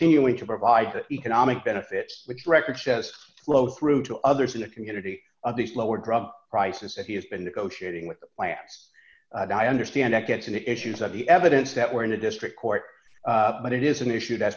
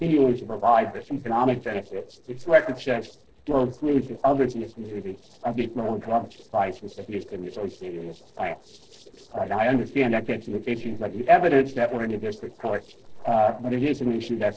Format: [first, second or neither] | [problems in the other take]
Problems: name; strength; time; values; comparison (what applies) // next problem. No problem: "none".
first | noise reduction (neural separator model SepFormer DNS4)